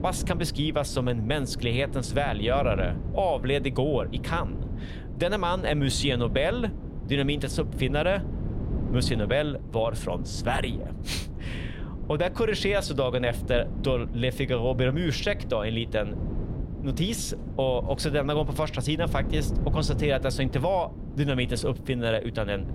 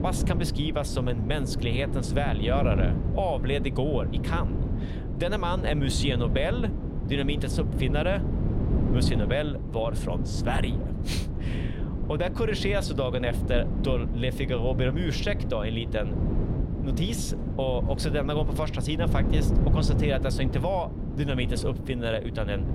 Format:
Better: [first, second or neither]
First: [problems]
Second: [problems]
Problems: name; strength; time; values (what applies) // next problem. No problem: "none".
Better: first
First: wind noise on the microphone; occasional gusts; 15 dB below the speech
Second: wind noise on the microphone; heavy; 8 dB below the speech